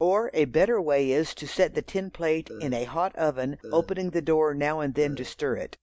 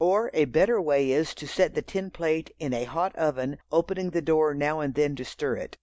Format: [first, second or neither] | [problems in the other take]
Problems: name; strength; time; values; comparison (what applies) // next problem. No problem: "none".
second | background sound (Burping, eructation); 18 dB below the speech